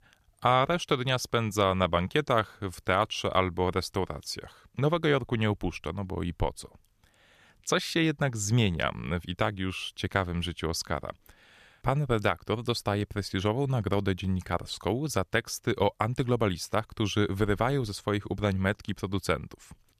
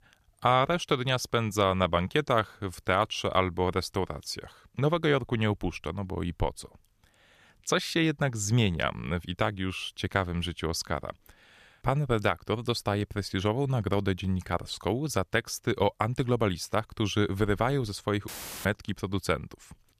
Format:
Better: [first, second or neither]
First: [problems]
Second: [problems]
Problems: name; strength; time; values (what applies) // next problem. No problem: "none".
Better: first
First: none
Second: audio cutting out; filled with static; at 18 s